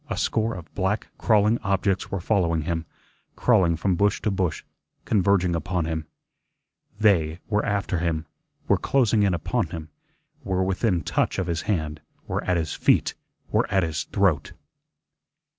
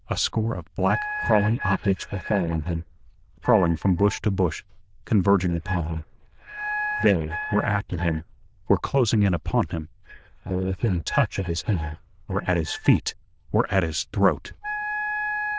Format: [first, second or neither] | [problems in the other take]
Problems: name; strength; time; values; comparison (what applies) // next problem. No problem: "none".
first | noise reduction (neural diffusion model UNIVERSE++)